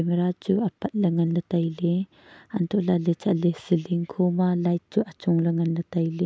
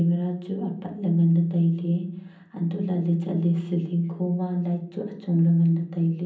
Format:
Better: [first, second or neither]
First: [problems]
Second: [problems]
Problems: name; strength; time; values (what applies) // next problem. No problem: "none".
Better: first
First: none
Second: room echo; dies away in 0.6 s